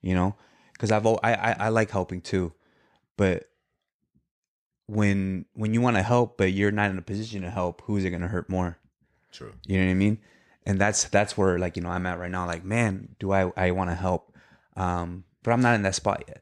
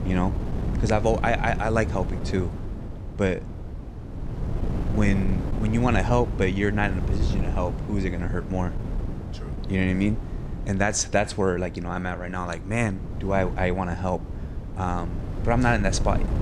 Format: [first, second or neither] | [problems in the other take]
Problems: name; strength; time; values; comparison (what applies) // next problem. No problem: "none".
first | wind noise on the microphone; occasional gusts; 15 dB below the speech